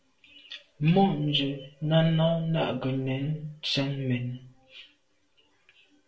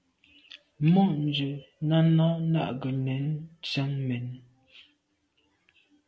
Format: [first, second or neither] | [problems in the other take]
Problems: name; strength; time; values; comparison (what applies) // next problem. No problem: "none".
second | room echo; dies away in 0.2 s